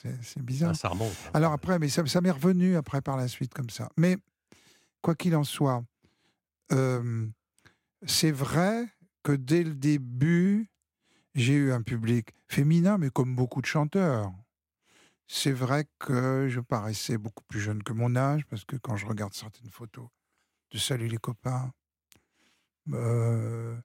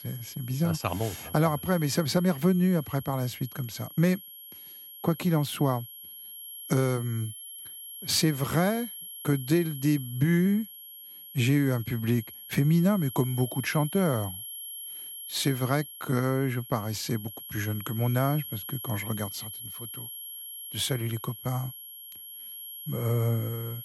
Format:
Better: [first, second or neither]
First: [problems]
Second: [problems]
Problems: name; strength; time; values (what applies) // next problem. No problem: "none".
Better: first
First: none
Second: high-pitched whine; noticeable; throughout; 11.5 kHz, 10 dB below the speech